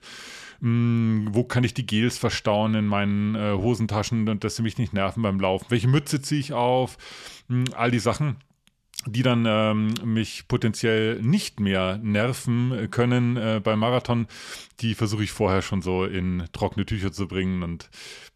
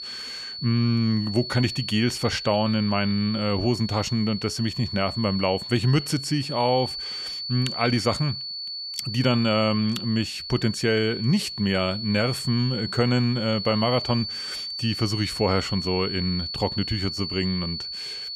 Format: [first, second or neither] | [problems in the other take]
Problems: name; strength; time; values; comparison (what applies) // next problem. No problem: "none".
first | high-pitched whine; loud; throughout; 4.5 kHz, 6 dB below the speech